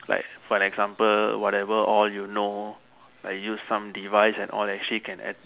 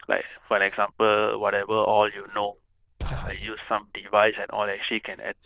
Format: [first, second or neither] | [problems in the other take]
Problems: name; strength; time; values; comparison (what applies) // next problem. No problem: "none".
first | noise reduction (neural diffusion model UNIVERSE++)